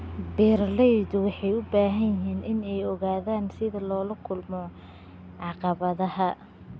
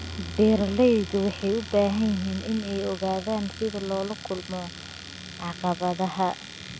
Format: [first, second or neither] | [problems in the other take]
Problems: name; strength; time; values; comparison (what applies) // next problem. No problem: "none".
first | background sound (Domestic sounds, home sounds); 15 dB below the speech